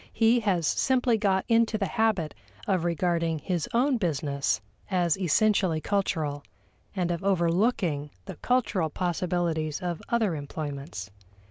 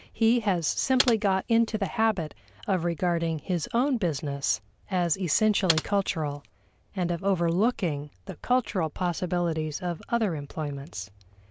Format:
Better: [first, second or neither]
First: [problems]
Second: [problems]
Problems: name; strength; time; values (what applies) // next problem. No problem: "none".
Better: first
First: none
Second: background sound (Computer keyboard); 7 dB below the speech